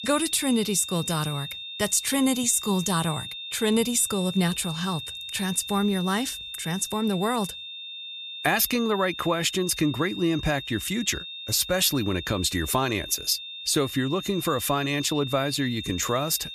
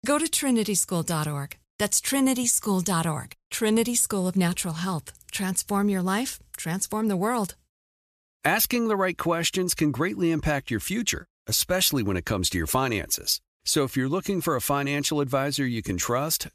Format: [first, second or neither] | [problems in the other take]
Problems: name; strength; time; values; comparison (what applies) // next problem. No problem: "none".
second | high-pitched whine; loud; throughout; 3.5 kHz, 9 dB below the speech